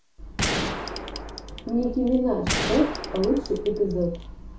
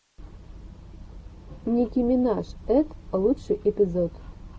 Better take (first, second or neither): second